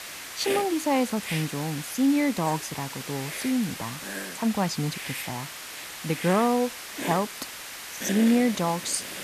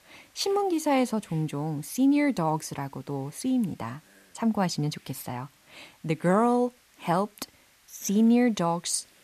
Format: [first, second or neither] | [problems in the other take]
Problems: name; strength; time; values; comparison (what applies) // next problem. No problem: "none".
second | hiss; loud; throughout; 8 dB below the speech; faint in the second